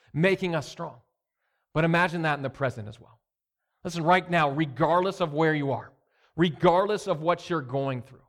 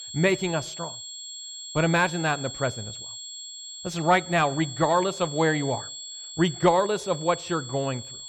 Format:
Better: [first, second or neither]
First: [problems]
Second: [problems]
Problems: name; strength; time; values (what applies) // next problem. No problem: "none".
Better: first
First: none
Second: high-pitched whine; noticeable; throughout; 3.5 kHz, 10 dB below the speech